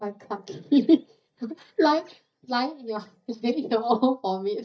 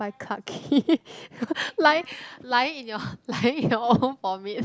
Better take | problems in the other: second | noise reduction (neural mask model DeepFilterNet 3)

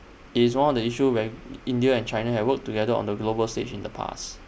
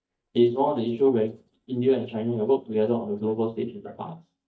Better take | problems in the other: first | noise reduction (neural mask model DeepFilterNet 3)

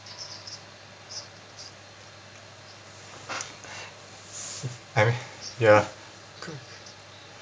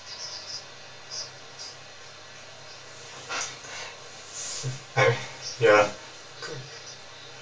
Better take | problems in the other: first | room echo; dies away in 0.1 s

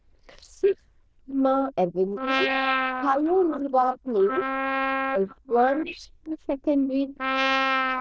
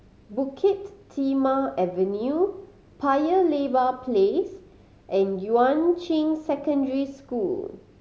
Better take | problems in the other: second | noise reduction (neural diffusion model UNIVERSE++)

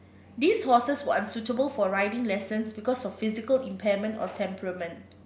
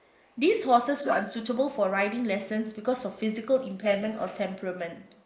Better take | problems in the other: first | noise reduction (neural mask model Resemble Enhance denoiser)

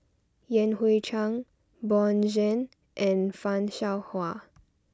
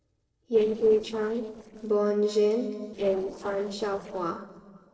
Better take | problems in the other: first | noise reduction (neural separator model SepFormer DNS4)

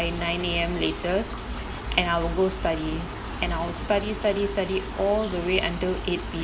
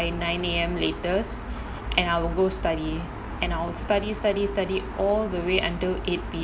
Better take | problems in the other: second | background sound (Liquid); 16 dB below the speech

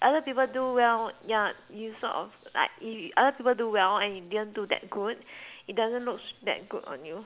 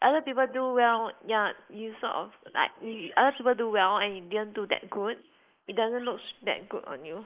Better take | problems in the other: first | noise reduction (neural mask model Resemble Enhance denoiser)

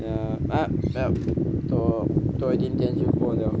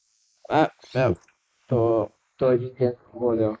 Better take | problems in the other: first | noise reduction (neural mask model Resemble Enhance denoiser)

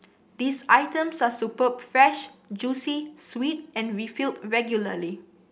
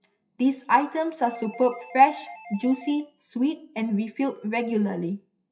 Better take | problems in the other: first | noise reduction (classical method WPE with log-MMSE)

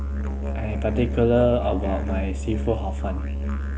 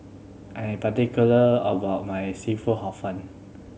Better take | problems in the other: second | background sound (Musical instrument); 1 dB below the speech

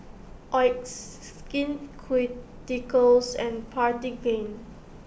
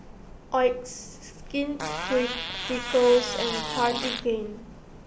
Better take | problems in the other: first | background sound (Fart); 6 dB below the speech

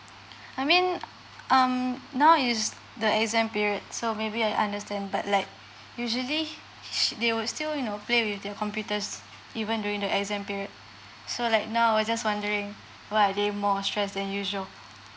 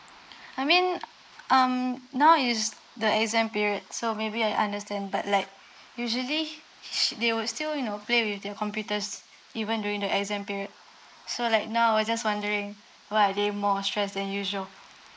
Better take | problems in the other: first | noise reduction (neural mask model Resemble Enhance denoiser)

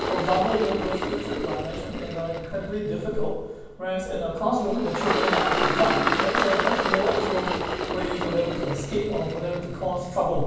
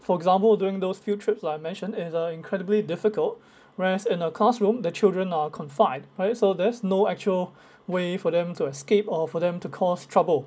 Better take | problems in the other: second | background sound (Engine); 1 dB below the speech // room echo; dies away in 1.2 s

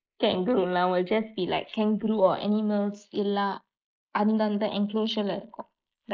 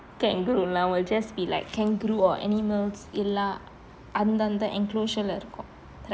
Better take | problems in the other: second | noise reduction (neural mask model Resemble Enhance denoiser)

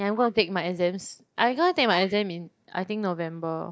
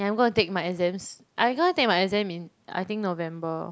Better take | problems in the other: second | noise reduction (neural mask model DeepFilterNet 3)

